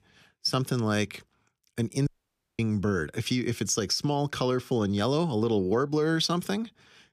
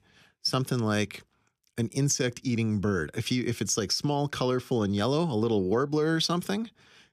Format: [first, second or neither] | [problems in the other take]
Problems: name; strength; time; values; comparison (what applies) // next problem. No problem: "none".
second | audio cutting out; at 2 s for 0.5 s